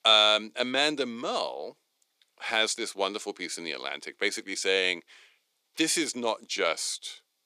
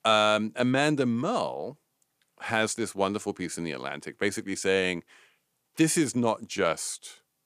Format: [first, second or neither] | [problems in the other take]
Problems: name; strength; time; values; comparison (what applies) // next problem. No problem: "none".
second | thin; somewhat; fading below 400 Hz